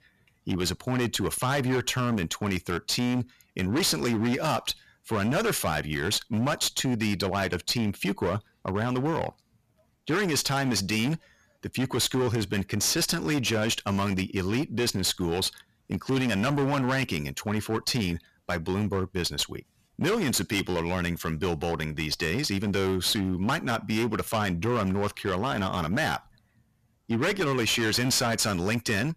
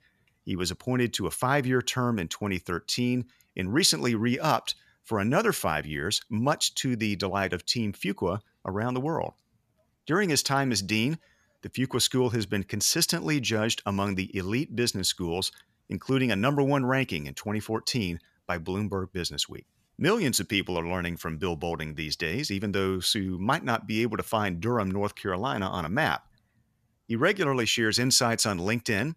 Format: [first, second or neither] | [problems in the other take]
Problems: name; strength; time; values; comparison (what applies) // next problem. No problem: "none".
second | distortion; heavy; 17% of the sound clipped